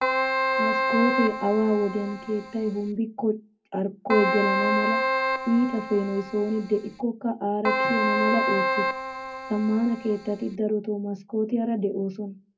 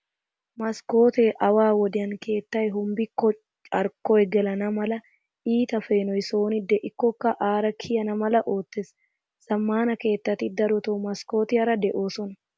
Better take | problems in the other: second | background sound (Keyboard (musical)); as loud as the speech // room echo; dies away in 0.3 s

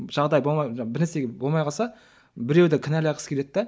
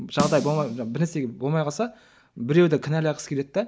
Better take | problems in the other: first | background sound (Snare drum); 10 dB below the speech

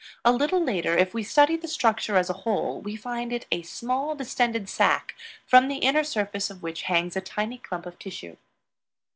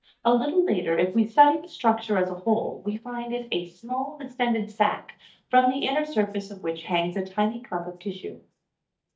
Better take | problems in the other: first | noise reduction (neural mask model DeepFilterNet 3)

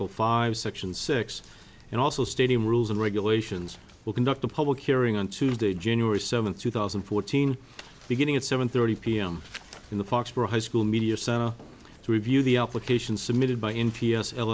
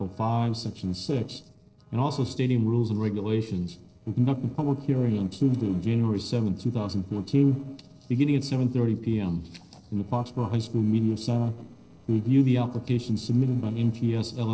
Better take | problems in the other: first | noise reduction (neural separator model SepFormer DNS4)

